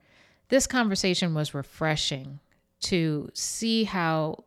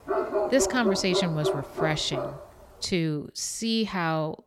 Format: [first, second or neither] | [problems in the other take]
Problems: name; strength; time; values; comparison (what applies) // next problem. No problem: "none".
first | dog barking; loud; until 2.5 s; peak 1 dB above the speech